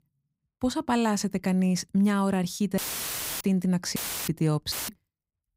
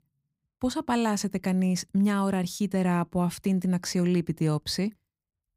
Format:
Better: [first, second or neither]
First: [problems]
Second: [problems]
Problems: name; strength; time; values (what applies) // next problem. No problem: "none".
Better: second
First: audio cutting out; filled with static; at 3 s for 0.5 s, at 4 s and at 4.5 s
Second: none